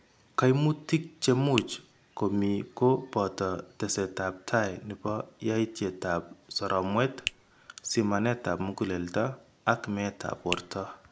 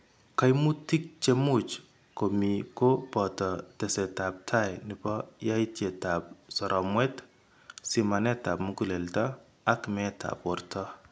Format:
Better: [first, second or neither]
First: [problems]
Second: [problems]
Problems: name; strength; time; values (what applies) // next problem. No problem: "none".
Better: second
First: background sound (Finger snapping); 10 dB below the speech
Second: none